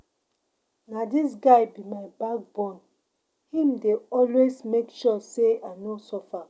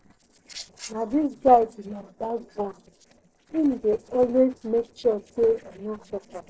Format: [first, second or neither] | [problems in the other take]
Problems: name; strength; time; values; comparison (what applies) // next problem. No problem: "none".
first | noise reduction (neural separator model SepFormer DNS4)